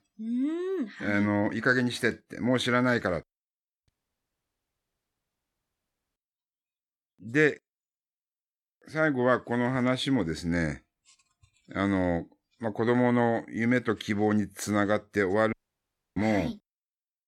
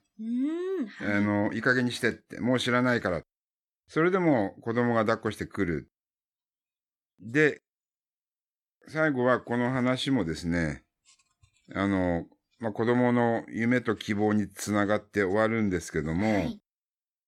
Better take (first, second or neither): second